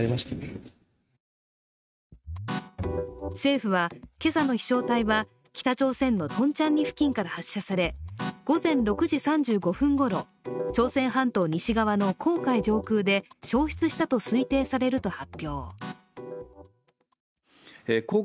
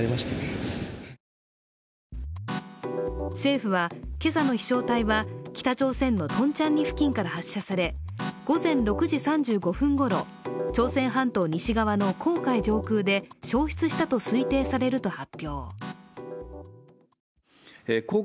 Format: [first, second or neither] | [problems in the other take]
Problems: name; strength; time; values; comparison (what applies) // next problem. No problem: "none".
second | noise reduction (neural mask model RNNoise)